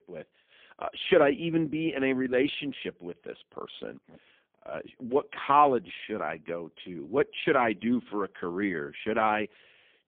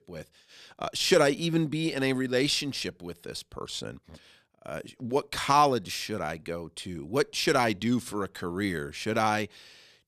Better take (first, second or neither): second